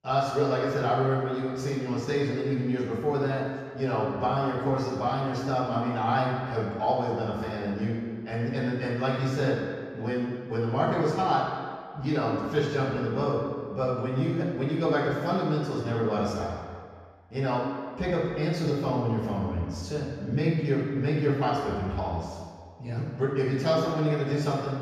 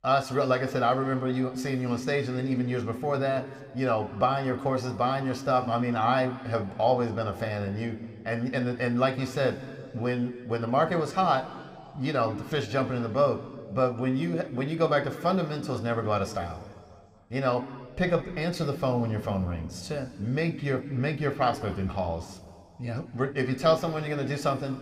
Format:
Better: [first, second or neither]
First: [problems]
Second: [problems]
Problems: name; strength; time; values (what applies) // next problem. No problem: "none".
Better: second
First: room echo; strong; dies away in 1.7 s // off-mic speech; far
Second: room echo; slight; dies away in 1.7 s